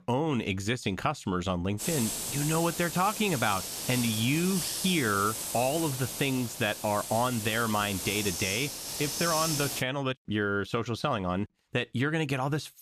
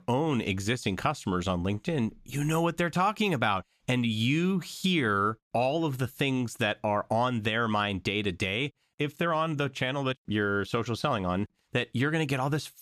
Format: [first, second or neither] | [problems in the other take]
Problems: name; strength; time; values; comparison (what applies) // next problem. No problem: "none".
second | hiss; loud; from 2 to 10 s; 4 dB below the speech